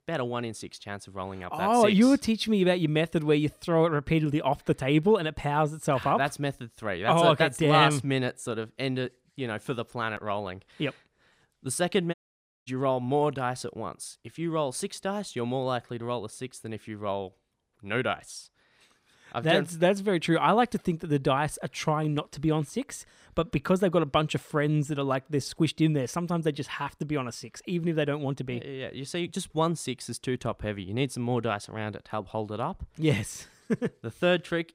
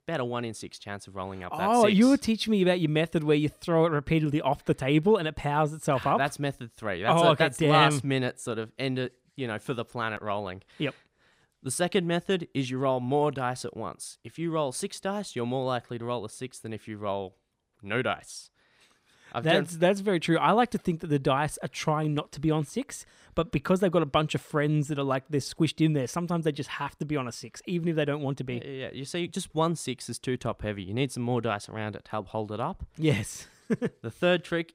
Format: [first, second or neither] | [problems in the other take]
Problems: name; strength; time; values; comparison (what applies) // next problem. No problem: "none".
second | audio cutting out; at 12 s for 0.5 s